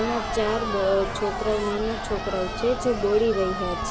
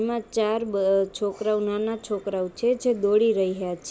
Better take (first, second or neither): second